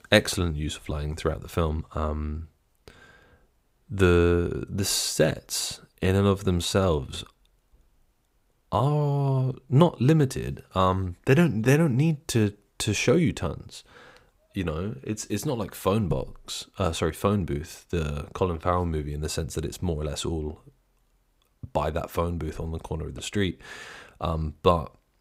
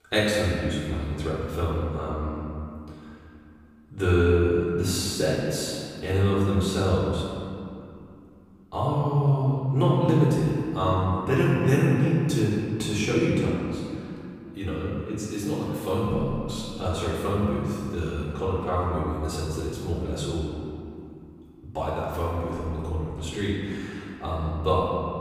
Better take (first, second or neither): first